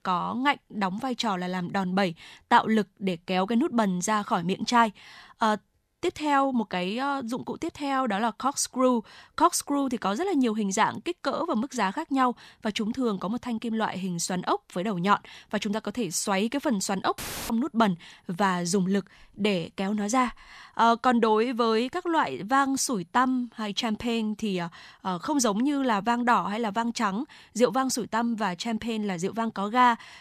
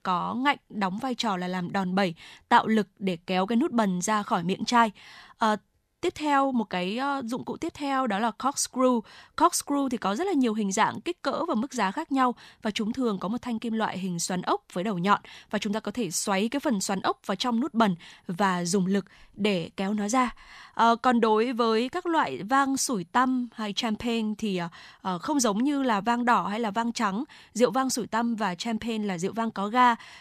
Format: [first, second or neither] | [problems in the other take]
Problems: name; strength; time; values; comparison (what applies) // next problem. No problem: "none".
second | audio cutting out; filled with static; at 17 s